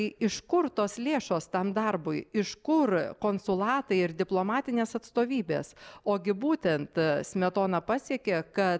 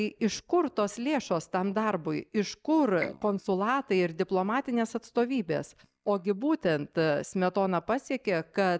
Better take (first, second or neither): first